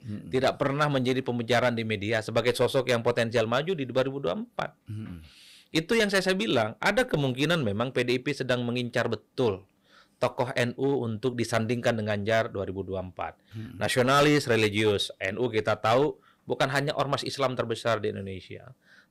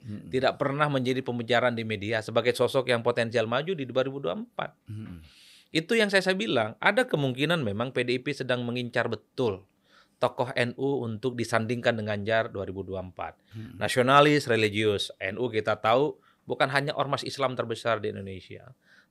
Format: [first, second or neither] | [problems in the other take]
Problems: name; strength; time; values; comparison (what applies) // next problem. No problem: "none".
second | distortion; slight; 5% of the sound clipped